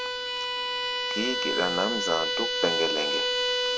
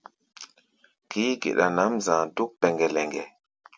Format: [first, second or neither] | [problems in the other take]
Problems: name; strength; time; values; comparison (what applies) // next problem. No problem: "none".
second | background sound (Bowed string instrument); 4 dB above the speech